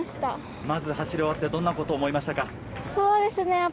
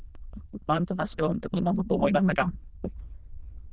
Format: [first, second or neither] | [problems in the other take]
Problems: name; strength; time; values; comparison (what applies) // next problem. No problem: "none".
first | noise reduction (neural diffusion model UNIVERSE++)